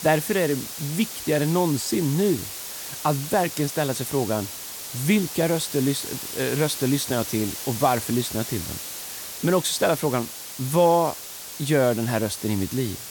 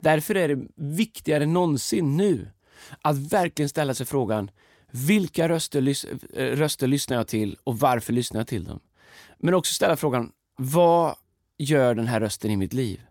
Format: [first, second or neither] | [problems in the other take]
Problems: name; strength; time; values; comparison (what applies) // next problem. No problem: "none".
second | hiss; loud; throughout; 8 dB below the speech